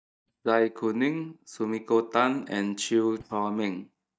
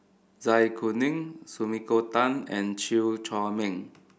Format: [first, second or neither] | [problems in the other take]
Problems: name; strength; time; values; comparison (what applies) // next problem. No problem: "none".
second | noise reduction (neural mask model DeepFilterNet 3)